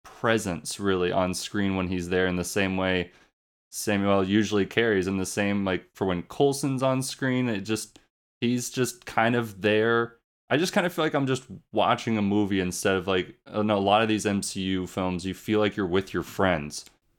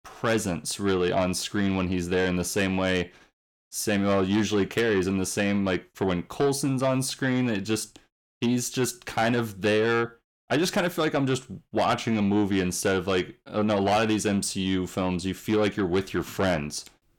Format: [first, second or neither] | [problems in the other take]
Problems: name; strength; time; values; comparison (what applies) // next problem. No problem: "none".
first | distortion; slight; 10 dB below the speech